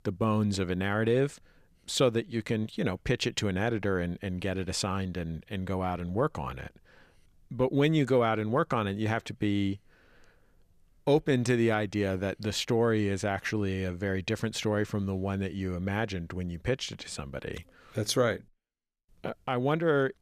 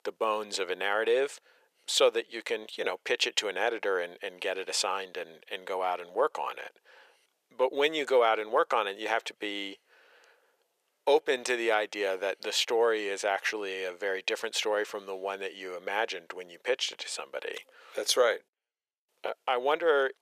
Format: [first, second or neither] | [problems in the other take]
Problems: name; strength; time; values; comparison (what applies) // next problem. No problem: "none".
first | thin; very; fading below 450 Hz